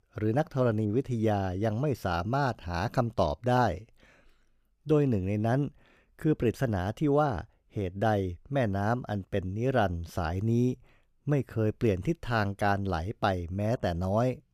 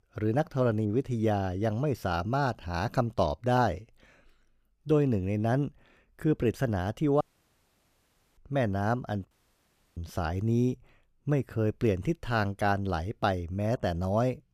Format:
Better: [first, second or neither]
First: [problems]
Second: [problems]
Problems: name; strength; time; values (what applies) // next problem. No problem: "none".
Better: first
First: none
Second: audio cutting out; at 7 s for 1 s and at 9.5 s for 0.5 s